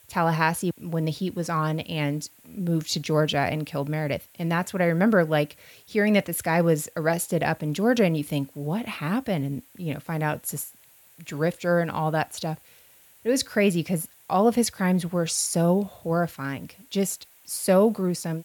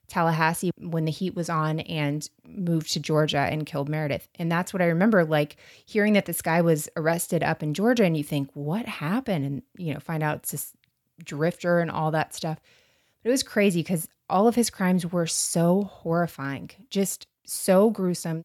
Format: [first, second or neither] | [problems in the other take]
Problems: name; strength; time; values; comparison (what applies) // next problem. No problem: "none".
second | hiss; faint; throughout; 25 dB below the speech